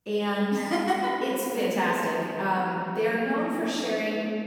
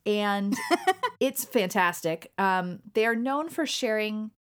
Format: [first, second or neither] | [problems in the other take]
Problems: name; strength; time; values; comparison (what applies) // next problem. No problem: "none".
second | off-mic speech; far // room echo; strong; dies away in 2.9 s